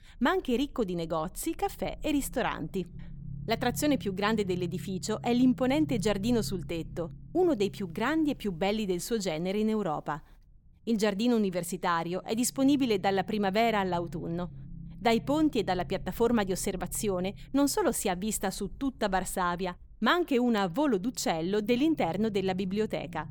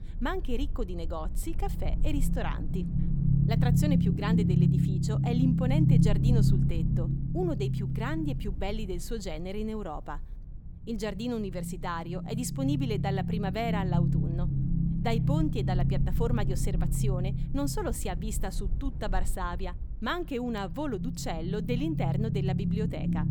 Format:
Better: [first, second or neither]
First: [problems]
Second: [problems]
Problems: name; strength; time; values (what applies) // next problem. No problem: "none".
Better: first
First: low rumble; faint; throughout; 25 dB below the speech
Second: low rumble; loud; throughout; 3 dB below the speech